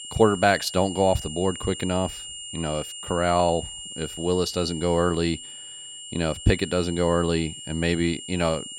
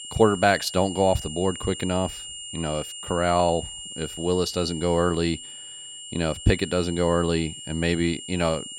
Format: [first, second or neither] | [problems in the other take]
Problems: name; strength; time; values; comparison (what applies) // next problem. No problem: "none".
neither | high-pitched whine; noticeable; throughout; 3 kHz, 10 dB below the speech; the same in both